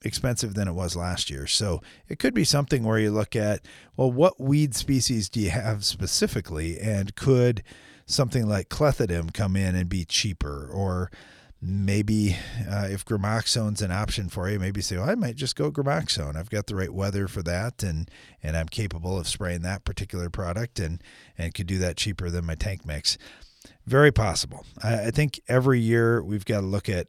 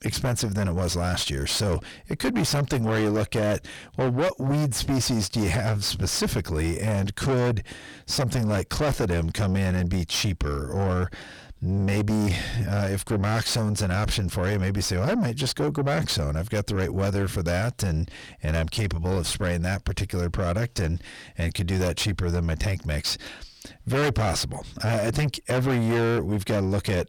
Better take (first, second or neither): first